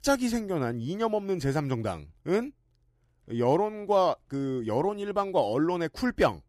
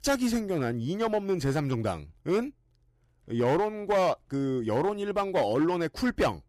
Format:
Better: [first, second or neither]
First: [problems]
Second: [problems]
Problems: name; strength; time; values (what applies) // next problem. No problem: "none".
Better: first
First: none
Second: distortion; slight; 6% of the sound clipped